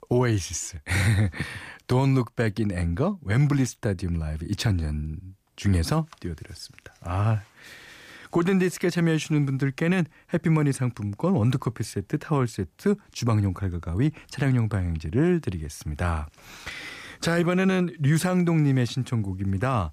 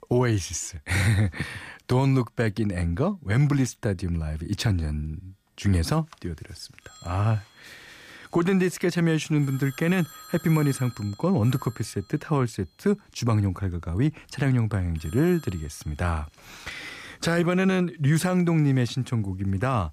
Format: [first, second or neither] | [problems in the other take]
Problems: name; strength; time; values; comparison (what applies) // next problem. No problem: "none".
first | alarms or sirens; faint; throughout; 20 dB below the speech